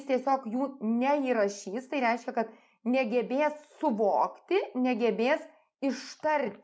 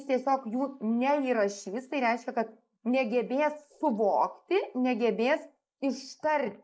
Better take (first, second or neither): first